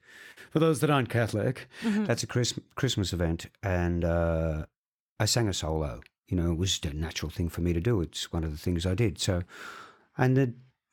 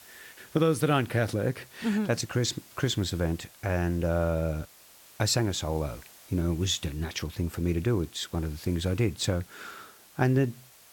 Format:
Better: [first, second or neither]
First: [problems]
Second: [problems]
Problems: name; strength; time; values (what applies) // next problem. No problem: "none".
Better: first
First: none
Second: hiss; faint; throughout; 20 dB below the speech